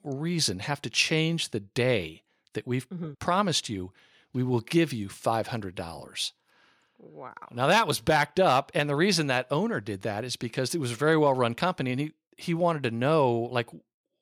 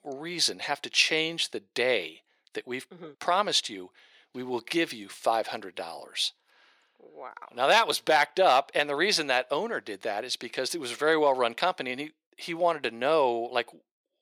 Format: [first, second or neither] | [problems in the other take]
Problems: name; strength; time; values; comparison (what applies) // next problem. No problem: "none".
first | thin; somewhat; fading below 450 Hz